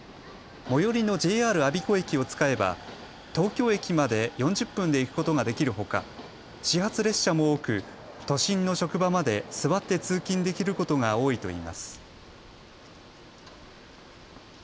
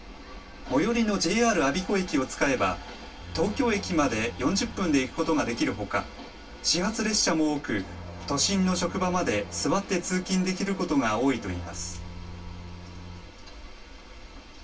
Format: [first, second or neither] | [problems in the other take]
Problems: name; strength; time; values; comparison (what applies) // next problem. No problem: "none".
first | background sound (Bowed string instrument); 16 dB below the speech // room echo; dies away in 0.1 s